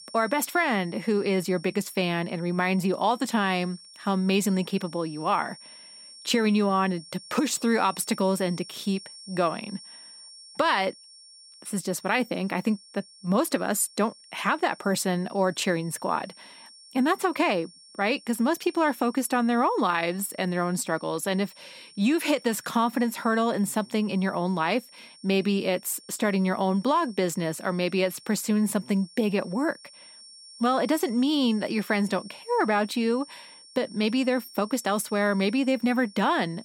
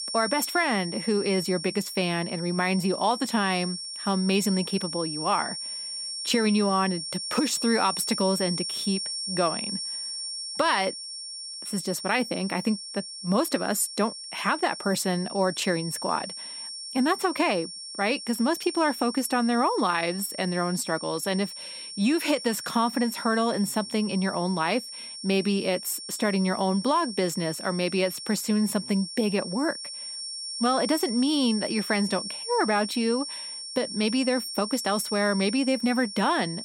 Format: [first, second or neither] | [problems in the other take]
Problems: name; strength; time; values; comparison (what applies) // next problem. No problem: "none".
first | high-pitched whine; loud; throughout; 5.5 kHz, 7 dB below the speech; faint in the first